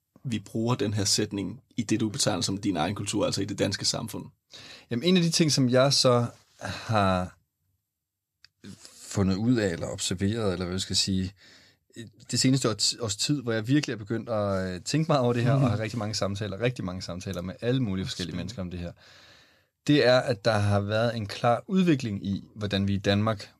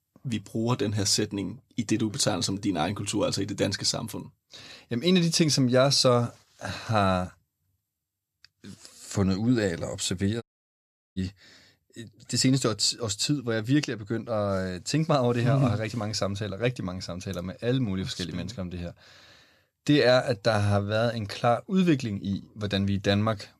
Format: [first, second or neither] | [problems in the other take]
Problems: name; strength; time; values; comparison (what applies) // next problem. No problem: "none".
first | audio cutting out; at 10 s for 0.5 s